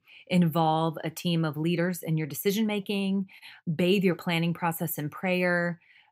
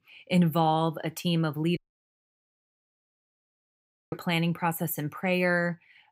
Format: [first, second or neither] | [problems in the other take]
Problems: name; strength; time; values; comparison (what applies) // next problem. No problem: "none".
first | audio cutting out; at 2 s for 2.5 s